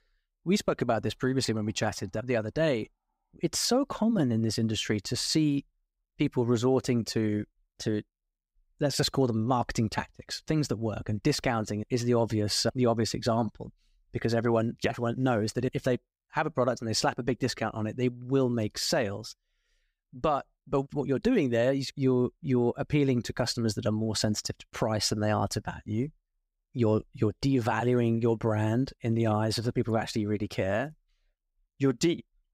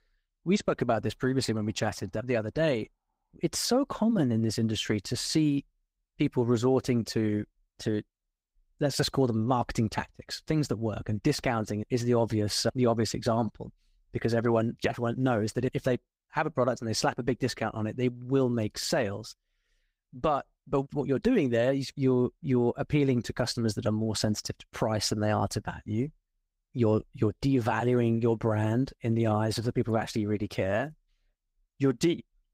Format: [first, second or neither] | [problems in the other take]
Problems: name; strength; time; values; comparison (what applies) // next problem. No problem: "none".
first | garbled, watery; slightly; nothing above 15.5 kHz